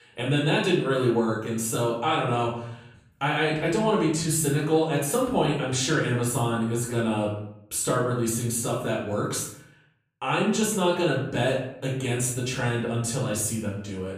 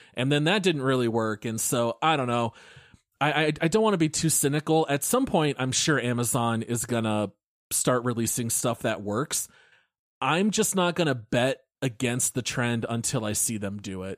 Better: second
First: off-mic speech; far // room echo; noticeable; dies away in 0.6 s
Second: none

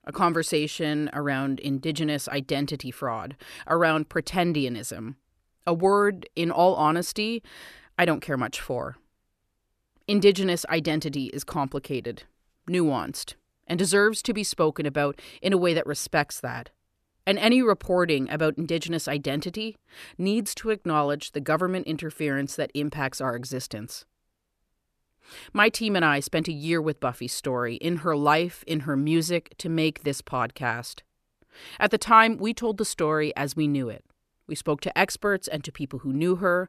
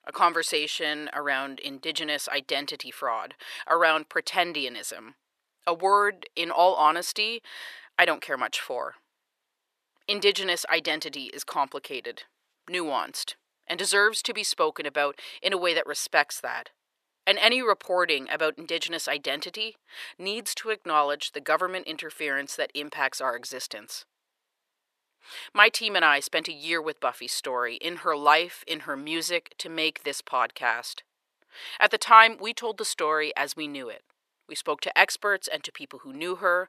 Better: first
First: none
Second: thin; very; fading below 600 Hz

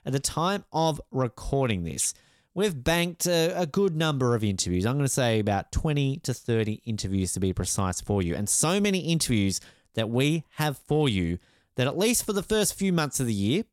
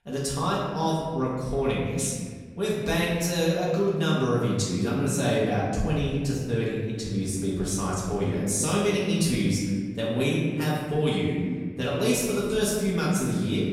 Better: first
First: none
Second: room echo; noticeable; dies away in 1.6 s // off-mic speech; far

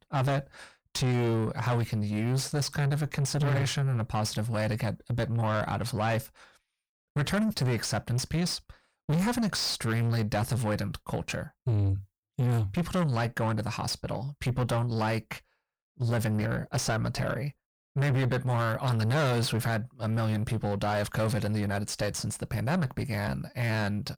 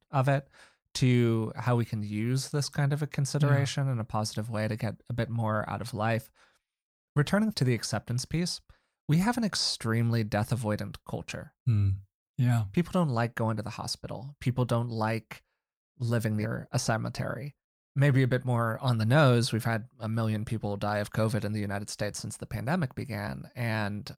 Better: second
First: distortion; heavy; 7 dB below the speech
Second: none

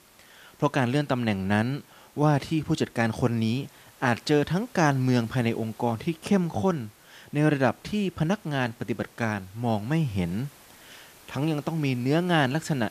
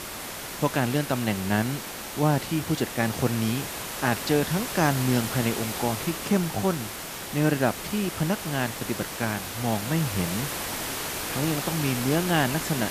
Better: first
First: hiss; faint; throughout; 25 dB below the speech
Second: hiss; loud; throughout; 5 dB below the speech

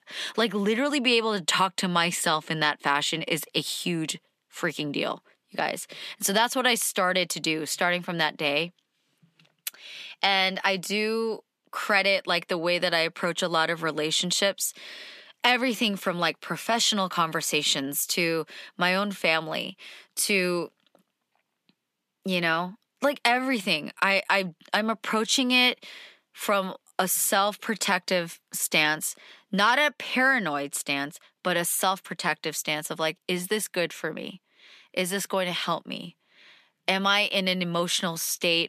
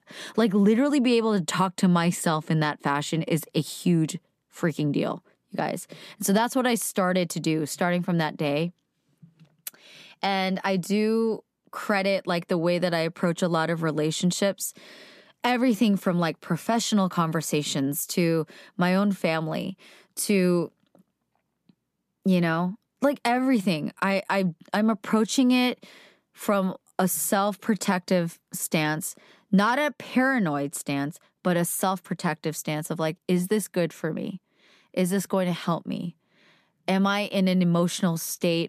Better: second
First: thin; somewhat; fading below 600 Hz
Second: none

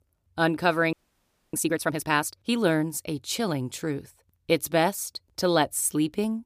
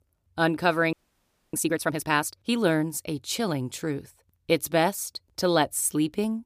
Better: neither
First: audio freezing; at 1 s for 0.5 s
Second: audio freezing; at 1 s for 0.5 s

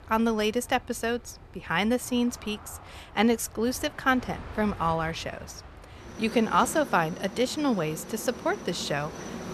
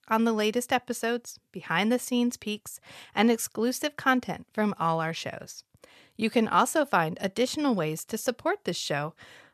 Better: second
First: train or aircraft noise; noticeable; throughout; 15 dB below the speech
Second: none

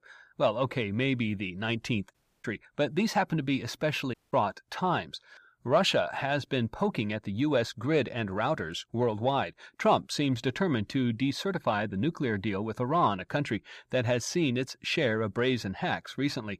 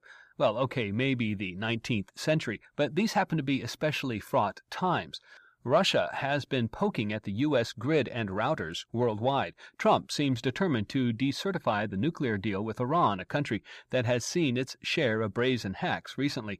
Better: second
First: audio cutting out; at 2 s and at 4 s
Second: none

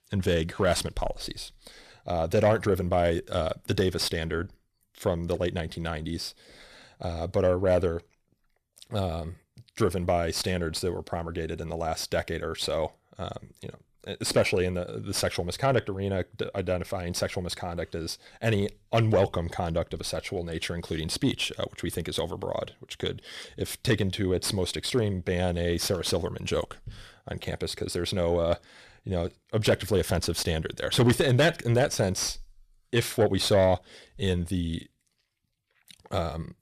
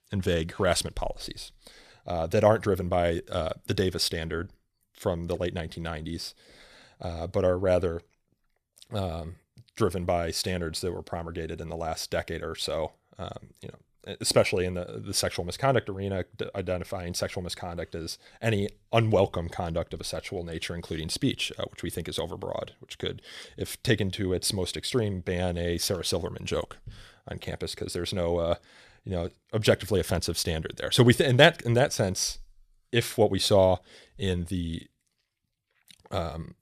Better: second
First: distortion; slight; 10 dB below the speech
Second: none

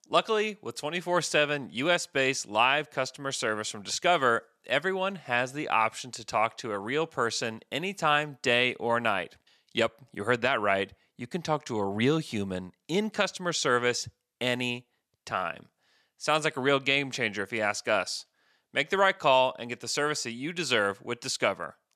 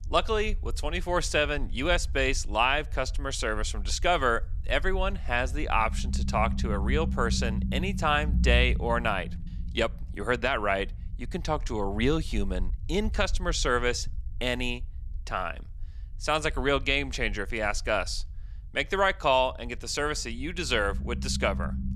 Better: first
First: none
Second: low rumble; faint; throughout; 20 dB below the speech

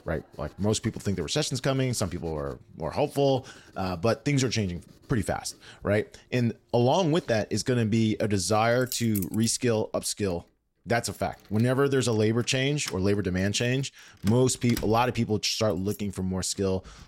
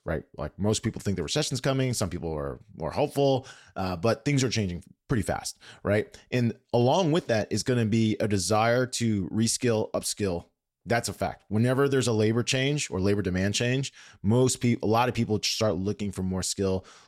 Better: second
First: household noises; noticeable; throughout; 20 dB below the speech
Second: none

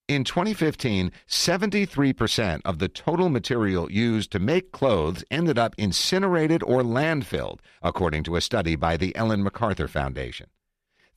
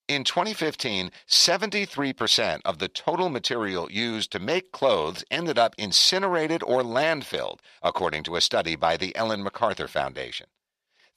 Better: first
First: none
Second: thin; somewhat; fading below 450 Hz

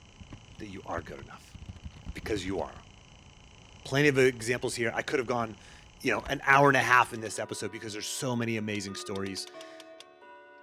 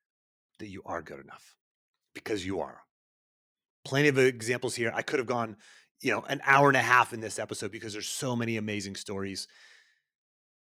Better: second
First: household noises; faint; throughout; 20 dB below the speech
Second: none

